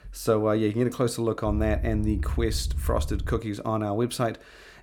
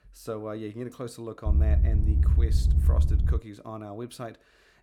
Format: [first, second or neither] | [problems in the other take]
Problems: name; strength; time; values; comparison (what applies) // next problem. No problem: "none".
first | low rumble; loud; from 1.5 to 3.5 s; 3 dB below the speech; faint in the first